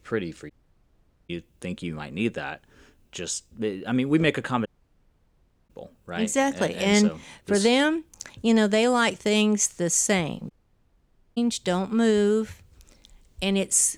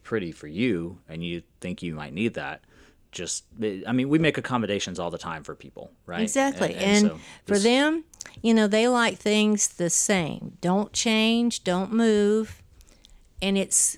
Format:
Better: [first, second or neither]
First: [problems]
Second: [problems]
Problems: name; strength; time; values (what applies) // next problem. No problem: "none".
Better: second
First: audio cutting out; at 0.5 s for 1 s, at 4.5 s for 1 s and at 11 s for 1 s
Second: none